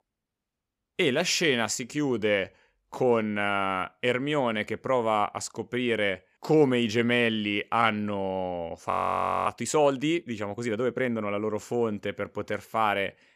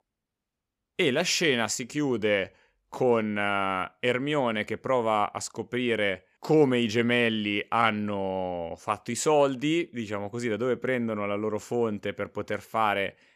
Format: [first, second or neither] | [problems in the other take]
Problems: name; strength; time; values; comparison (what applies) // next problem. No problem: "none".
second | audio freezing; at 9 s for 0.5 s